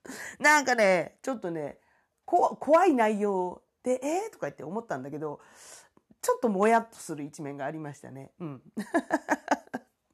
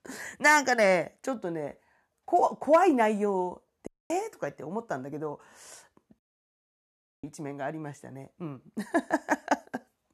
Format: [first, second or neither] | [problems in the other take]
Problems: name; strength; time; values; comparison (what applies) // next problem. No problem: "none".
first | audio cutting out; at 4 s and at 6 s for 1 s